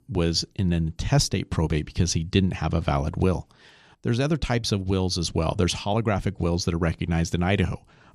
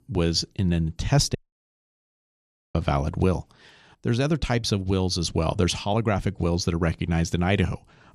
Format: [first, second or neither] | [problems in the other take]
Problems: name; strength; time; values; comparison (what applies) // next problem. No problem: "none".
first | audio cutting out; at 1.5 s for 1.5 s